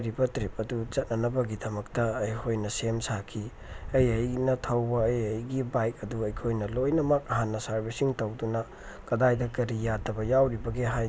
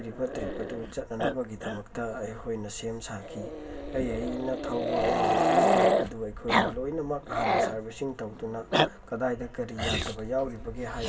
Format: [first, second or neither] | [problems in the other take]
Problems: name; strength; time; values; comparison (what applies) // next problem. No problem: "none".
first | background sound (Growling); 3 dB above the speech // room echo; dies away in 1.1 s